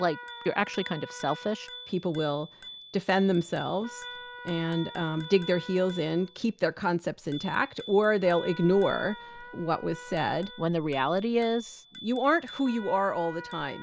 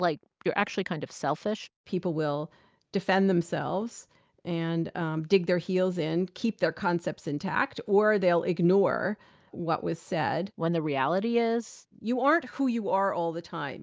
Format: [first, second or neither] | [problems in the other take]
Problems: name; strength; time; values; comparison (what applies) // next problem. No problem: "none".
second | background sound (Bicycle bell + Trumpet); 16 dB below the speech